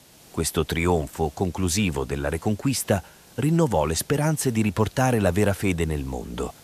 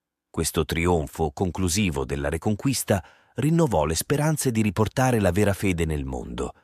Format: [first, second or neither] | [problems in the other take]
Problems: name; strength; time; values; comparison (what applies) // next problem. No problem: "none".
second | hiss; faint; throughout; 25 dB below the speech